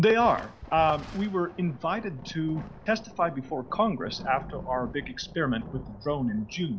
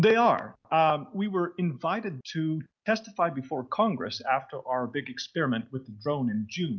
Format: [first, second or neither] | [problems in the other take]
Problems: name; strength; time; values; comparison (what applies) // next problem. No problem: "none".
second | background sound (Thunder); 15 dB below the speech